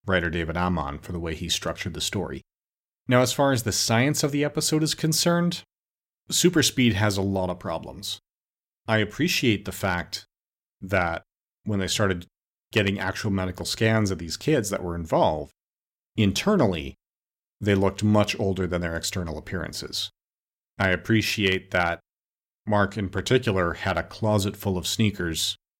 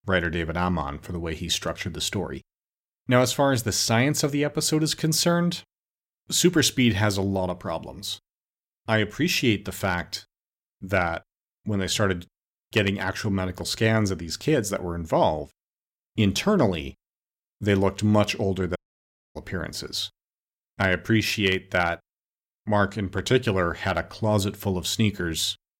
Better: first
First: none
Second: audio cutting out; at 19 s for 0.5 s

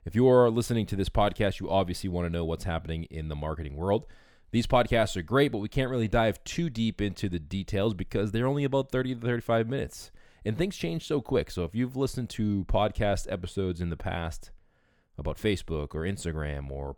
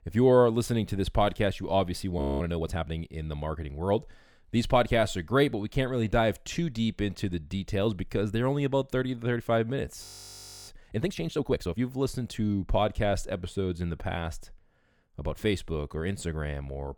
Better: first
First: none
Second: audio freezing; at 2 s and at 10 s for 0.5 s

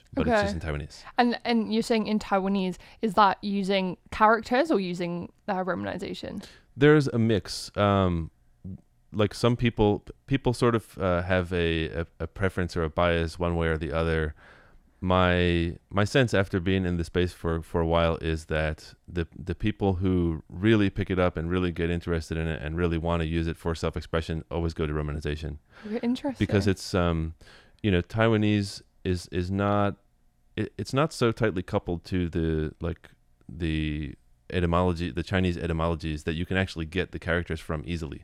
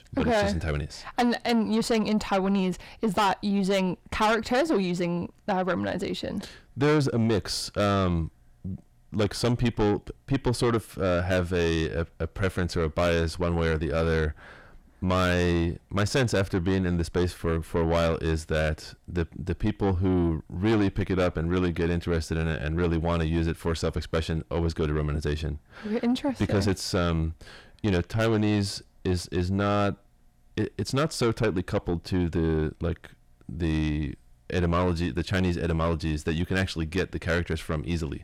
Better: first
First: none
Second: distortion; heavy; 7 dB below the speech

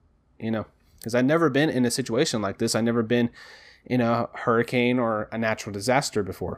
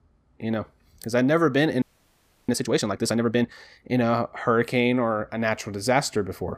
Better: first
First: none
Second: audio freezing; at 2 s for 0.5 s

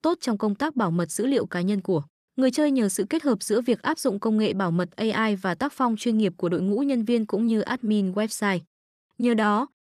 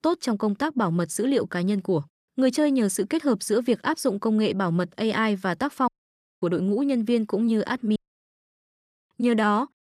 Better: first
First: none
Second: audio cutting out; at 6 s for 0.5 s and at 8 s for 1 s

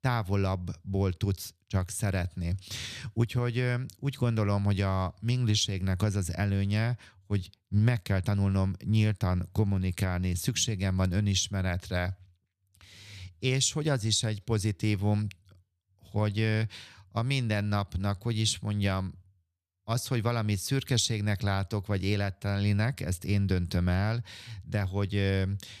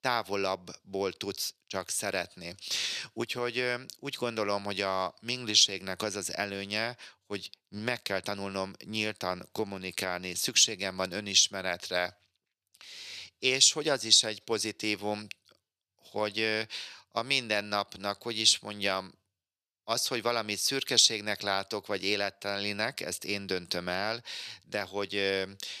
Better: first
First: none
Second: thin; very; fading below 450 Hz

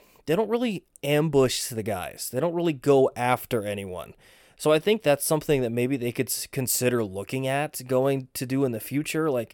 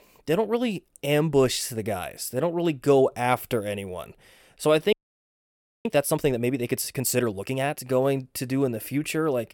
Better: first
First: none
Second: audio freezing; at 5 s for 1 s

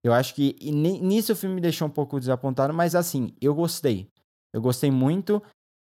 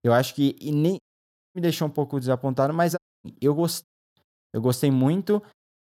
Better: first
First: none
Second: audio cutting out; at 1 s for 0.5 s, at 3 s and at 4 s

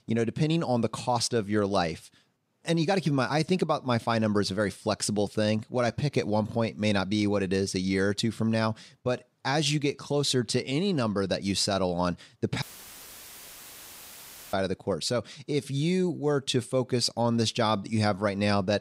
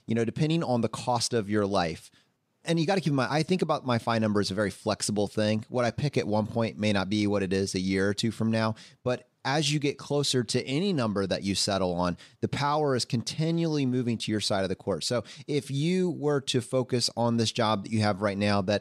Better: second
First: audio cutting out; filled with static; at 13 s for 2 s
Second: none

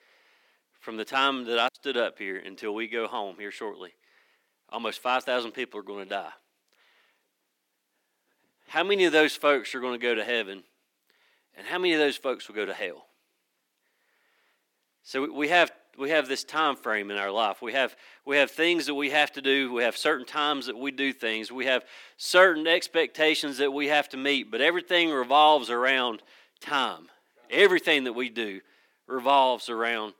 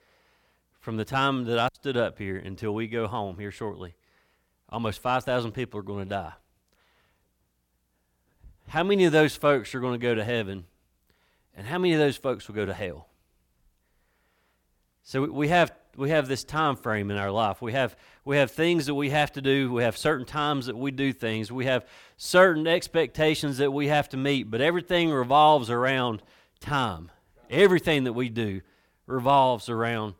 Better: second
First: thin; very slightly; fading below 250 Hz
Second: none

